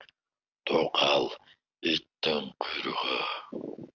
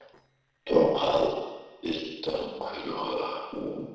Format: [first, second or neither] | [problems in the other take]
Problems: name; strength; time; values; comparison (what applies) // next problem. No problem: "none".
first | noise reduction (neural separator model SepFormer DNS4)